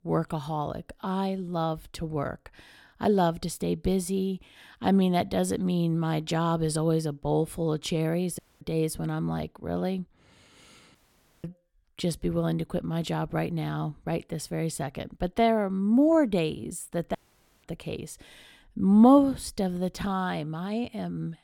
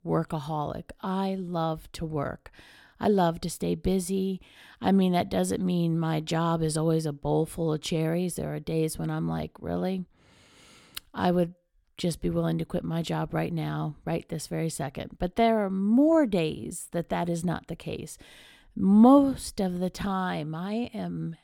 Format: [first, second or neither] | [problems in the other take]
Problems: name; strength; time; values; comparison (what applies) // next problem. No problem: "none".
second | audio cutting out; at 8.5 s, at 11 s and at 17 s